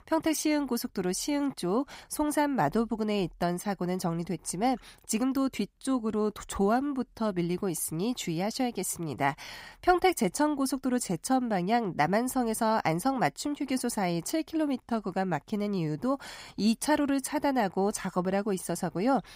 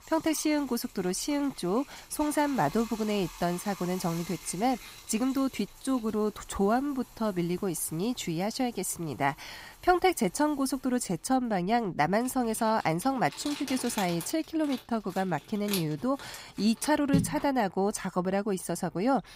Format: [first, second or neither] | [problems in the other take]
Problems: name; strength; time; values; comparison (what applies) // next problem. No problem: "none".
first | household noises; noticeable; throughout; 15 dB below the speech